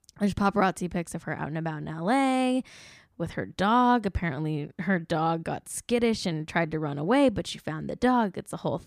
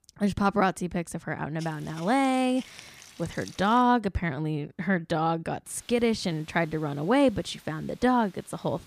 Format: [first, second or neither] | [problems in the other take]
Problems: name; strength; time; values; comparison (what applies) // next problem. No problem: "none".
first | hiss; faint; from 1.5 to 4 s and from 5.5 s on; 25 dB below the speech